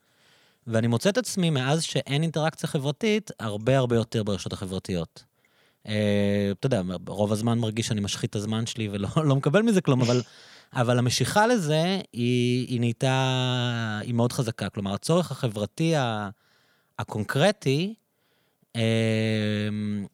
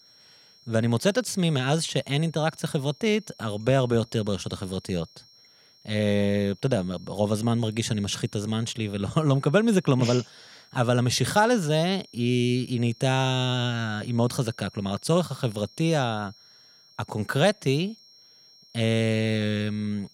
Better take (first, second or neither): first